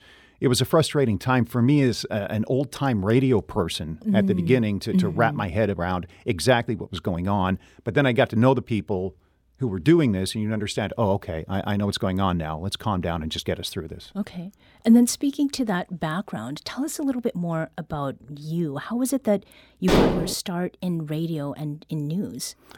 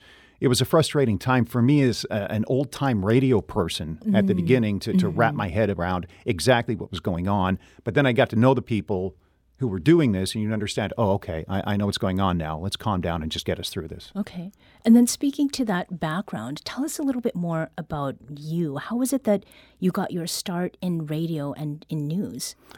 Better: second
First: clattering dishes; loud; at 20 s; peak 4 dB above the speech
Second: none

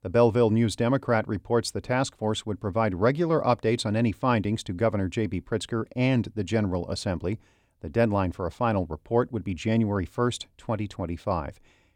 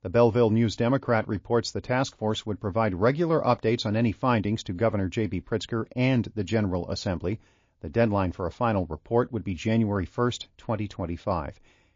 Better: first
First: none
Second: garbled, watery; slightly

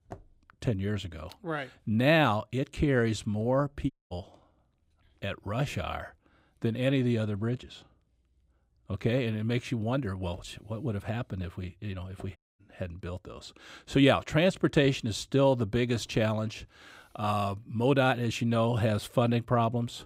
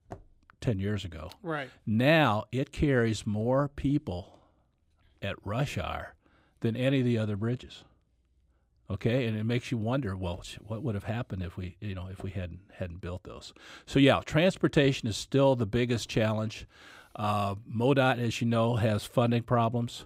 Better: second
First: audio cutting out; at 4 s and at 12 s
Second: none

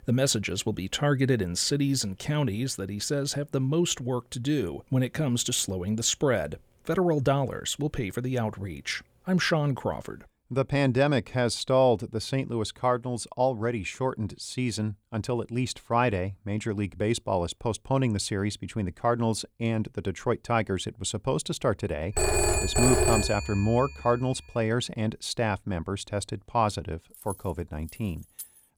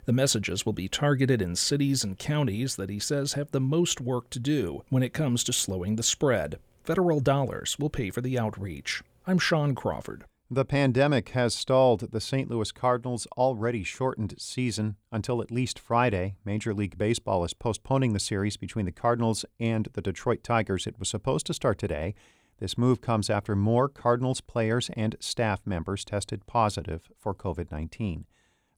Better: second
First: phone ringing; loud; from 22 to 24 s; peak 5 dB above the speech // jangling keys; faint; from 27 s on; peak 15 dB below the speech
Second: none

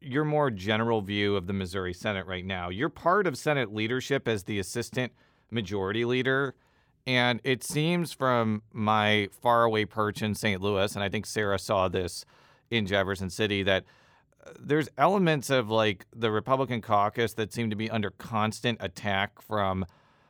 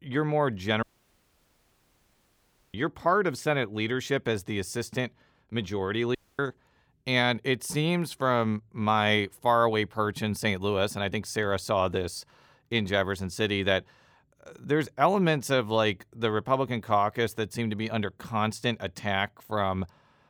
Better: first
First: none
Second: audio cutting out; at 1 s for 2 s and at 6 s

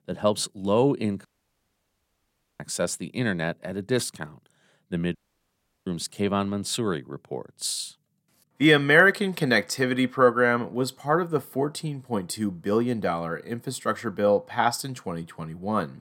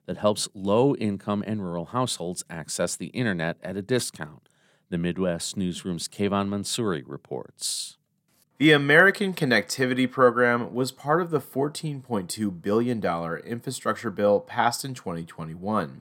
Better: second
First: audio cutting out; at 1.5 s for 1.5 s and at 5 s for 0.5 s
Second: none

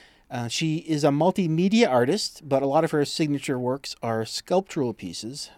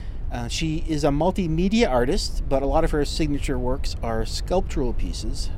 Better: first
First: none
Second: low rumble; faint; throughout; 25 dB below the speech

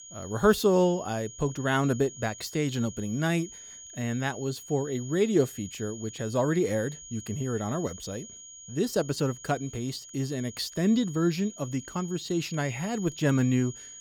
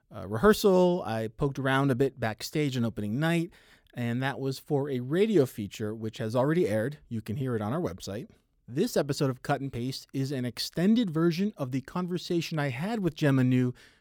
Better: second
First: high-pitched whine; noticeable; throughout; 6.5 kHz, 15 dB below the speech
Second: none

